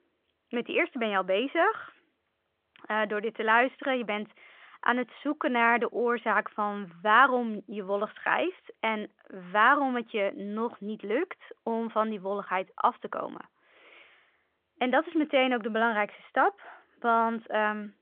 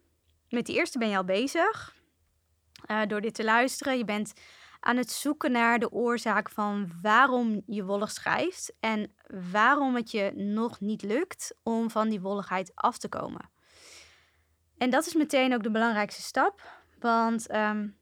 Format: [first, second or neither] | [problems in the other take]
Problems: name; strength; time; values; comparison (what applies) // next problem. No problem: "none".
second | phone-call audio